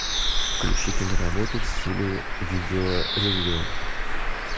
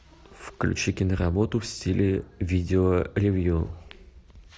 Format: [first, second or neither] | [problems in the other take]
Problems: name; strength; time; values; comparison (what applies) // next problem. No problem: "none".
second | background sound (Bird); 5 dB above the speech